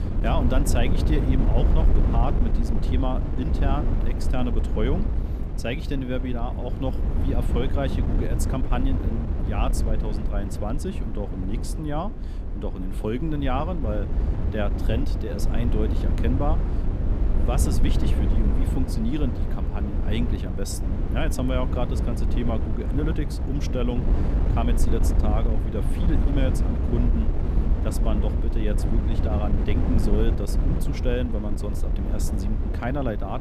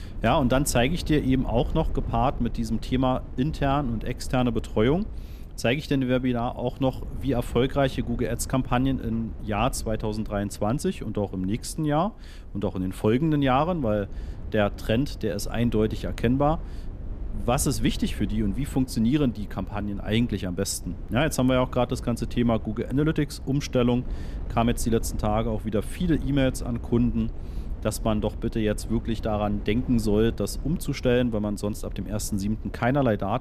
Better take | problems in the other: second | wind noise on the microphone; heavy; 4 dB below the speech; occasional gusts in the second

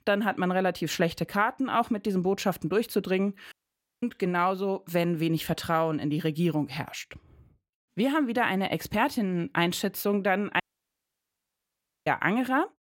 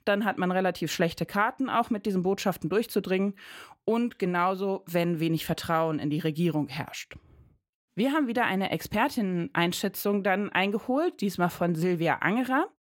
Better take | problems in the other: second | audio cutting out; at 3.5 s and at 11 s for 1.5 s

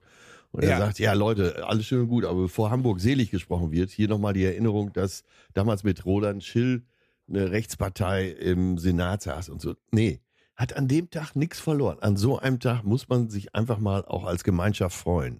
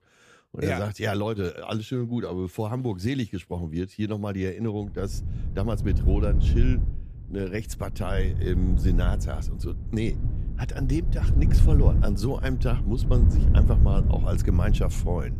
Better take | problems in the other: first | wind noise on the microphone; heavy; from 5 s on; 7 dB below the speech

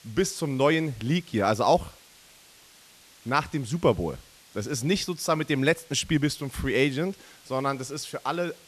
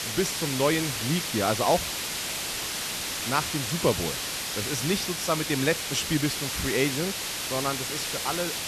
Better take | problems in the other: first | hiss; loud; throughout; 1 dB below the speech; faint in the first

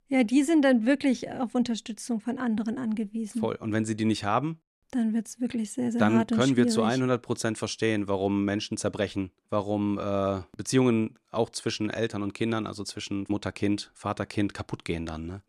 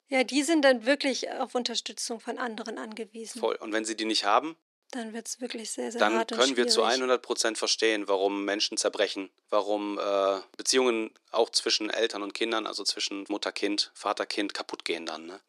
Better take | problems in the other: first | thin; somewhat; fading below 350 Hz

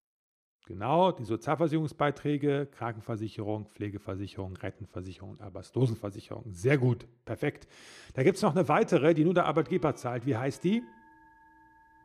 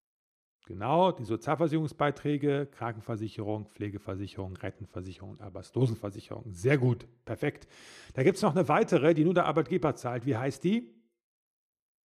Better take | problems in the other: second | background music; faint; from 9 s on; 25 dB below the speech

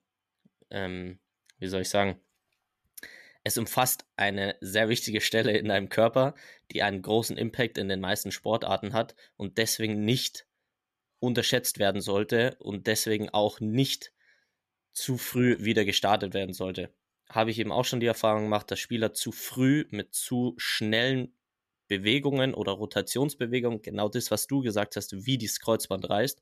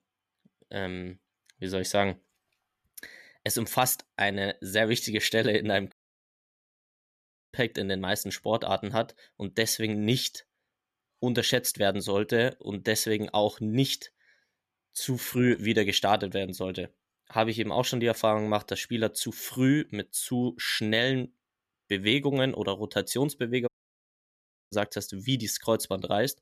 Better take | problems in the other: first | audio cutting out; at 6 s for 1.5 s and at 24 s for 1 s

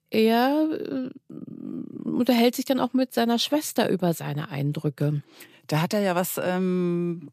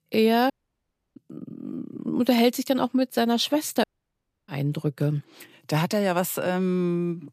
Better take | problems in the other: first | audio cutting out; at 0.5 s for 0.5 s and at 4 s for 0.5 s

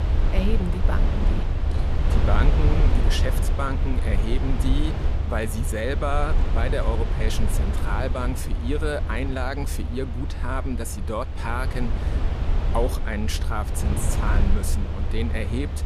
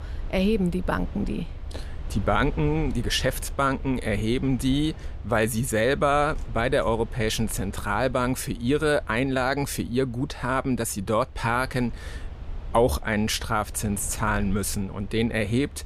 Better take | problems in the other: second | low rumble; loud; throughout; 5 dB below the speech; faint in the second

